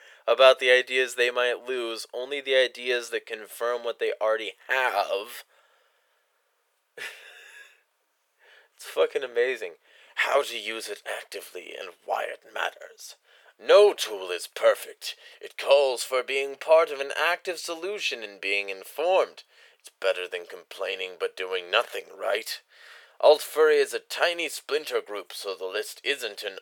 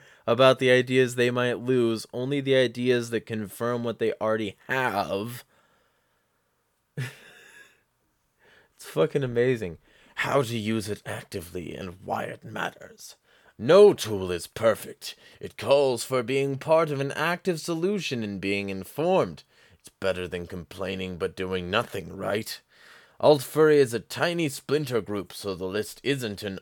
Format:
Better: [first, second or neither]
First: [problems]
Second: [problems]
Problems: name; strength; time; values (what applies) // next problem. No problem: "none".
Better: second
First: thin; very; fading below 450 Hz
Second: none